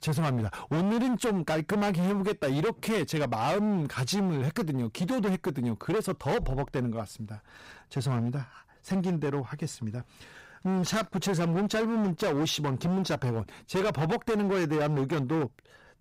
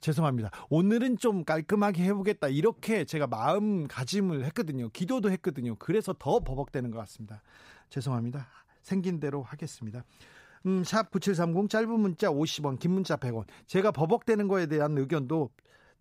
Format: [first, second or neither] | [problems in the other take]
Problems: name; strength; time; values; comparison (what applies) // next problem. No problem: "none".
second | distortion; heavy; 23% of the sound clipped